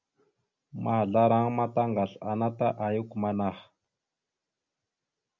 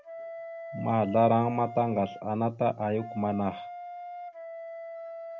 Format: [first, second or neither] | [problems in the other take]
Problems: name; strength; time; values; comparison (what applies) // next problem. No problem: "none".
first | background sound (Wind instrument, woodwind instrument); 12 dB below the speech